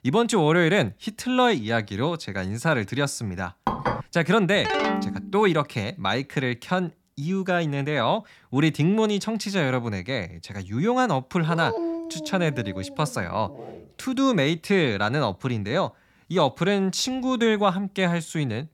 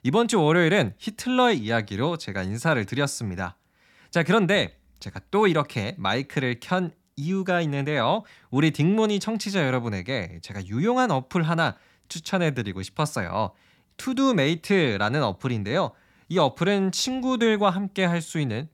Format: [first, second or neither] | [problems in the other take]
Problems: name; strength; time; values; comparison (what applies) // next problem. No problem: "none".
second | clattering dishes; noticeable; at 3.5 s; peak 2 dB below the speech // phone ringing; loud; at 4.5 s; peak level with the speech // dog barking; noticeable; from 11 to 14 s; peak 4 dB below the speech